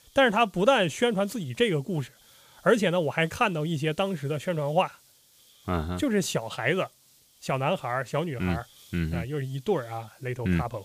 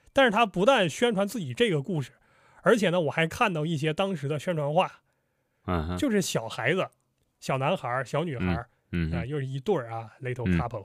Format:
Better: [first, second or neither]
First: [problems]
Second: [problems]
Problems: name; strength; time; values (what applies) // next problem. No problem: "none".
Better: second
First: hiss; faint; throughout; 30 dB below the speech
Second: none